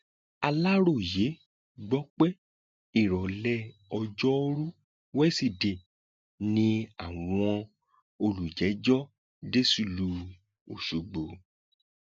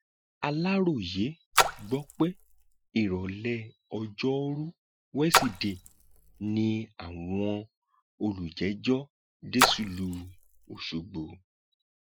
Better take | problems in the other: first | noise reduction (classical method Wiener filter)

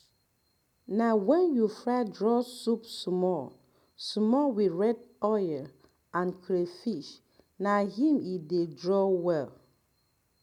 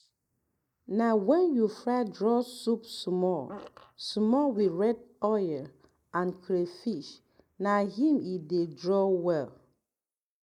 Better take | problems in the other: first | noise reduction (neural mask model Resemble Enhance denoiser)

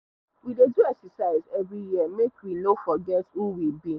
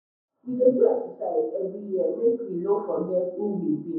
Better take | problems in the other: first | room echo; dies away in 0.7 s

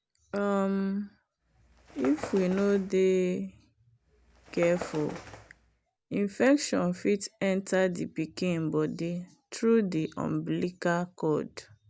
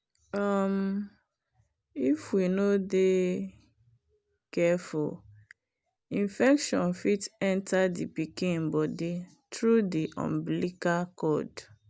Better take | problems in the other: second | background sound (Bird); 16 dB below the speech

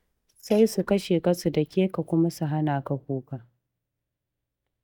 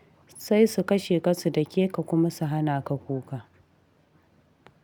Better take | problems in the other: second | noise reduction (neural mask model DeepFilterNet 3)

